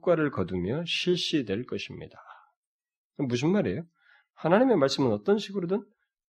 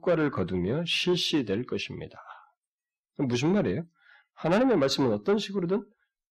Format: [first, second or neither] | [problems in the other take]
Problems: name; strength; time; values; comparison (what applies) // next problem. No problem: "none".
first | distortion; slight; 10 dB below the speech